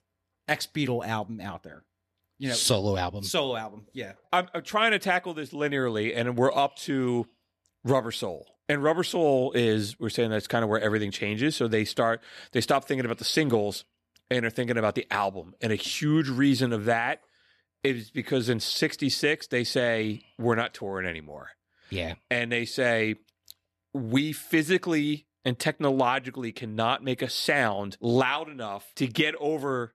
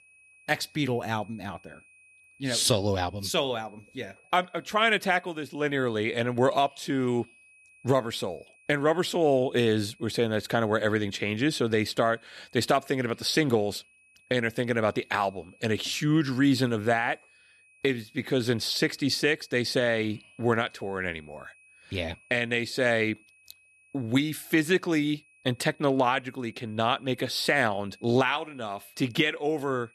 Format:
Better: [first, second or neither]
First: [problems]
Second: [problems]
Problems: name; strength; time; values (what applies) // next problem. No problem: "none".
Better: first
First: none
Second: high-pitched whine; faint; throughout; 2.5 kHz, 30 dB below the speech